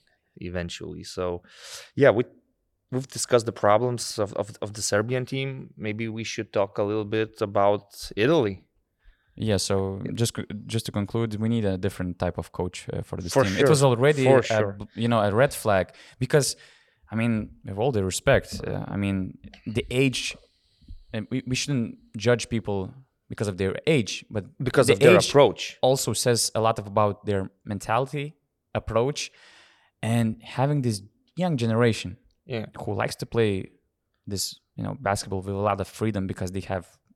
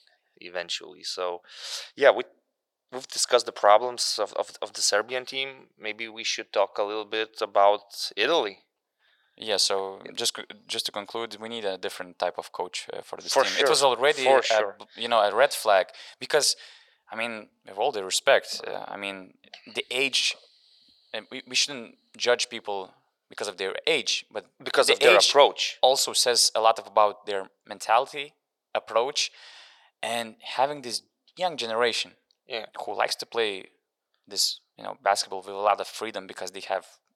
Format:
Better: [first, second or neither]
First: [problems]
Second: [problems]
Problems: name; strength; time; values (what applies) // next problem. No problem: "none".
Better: first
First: none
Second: thin; very; fading below 600 Hz